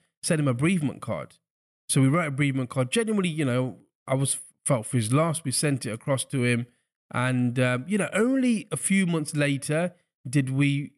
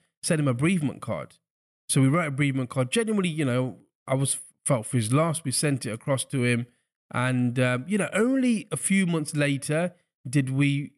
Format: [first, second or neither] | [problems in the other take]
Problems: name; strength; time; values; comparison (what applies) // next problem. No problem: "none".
neither | none